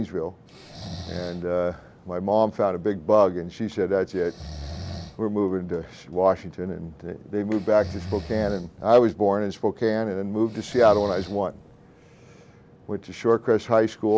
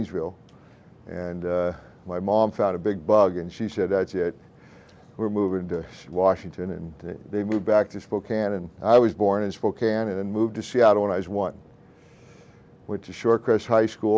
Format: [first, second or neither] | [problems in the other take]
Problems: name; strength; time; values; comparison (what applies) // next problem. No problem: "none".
second | background sound (Breathing); 17 dB below the speech